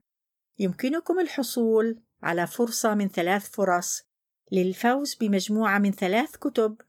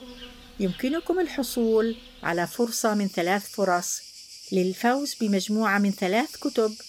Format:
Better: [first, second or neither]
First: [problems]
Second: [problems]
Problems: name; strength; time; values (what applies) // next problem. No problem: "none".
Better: first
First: none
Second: animal sounds; noticeable; throughout; 15 dB below the speech